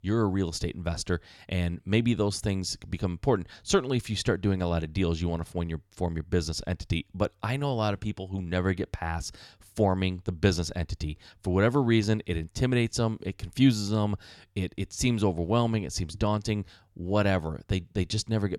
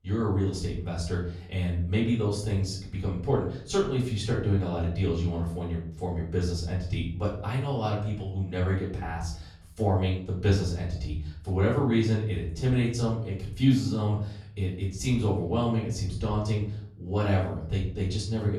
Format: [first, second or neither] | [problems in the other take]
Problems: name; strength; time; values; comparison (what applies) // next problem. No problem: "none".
first | room echo; noticeable; dies away in 0.6 s // off-mic speech; far